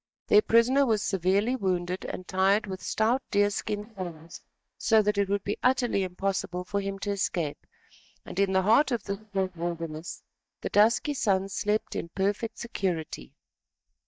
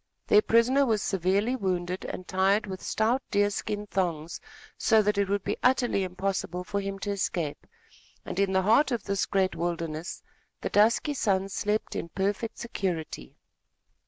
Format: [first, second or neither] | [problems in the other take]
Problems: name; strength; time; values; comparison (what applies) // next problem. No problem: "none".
second | noise reduction (neural mask model DeepFilterNet 3)